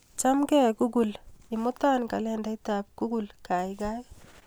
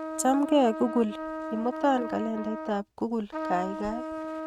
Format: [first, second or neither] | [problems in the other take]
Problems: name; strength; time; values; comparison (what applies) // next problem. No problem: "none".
first | noise reduction (neural mask model RNNoise)